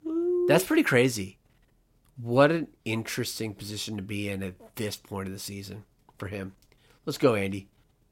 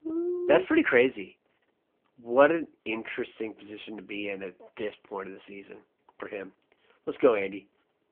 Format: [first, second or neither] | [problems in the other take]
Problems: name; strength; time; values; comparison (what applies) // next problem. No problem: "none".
first | phone-call audio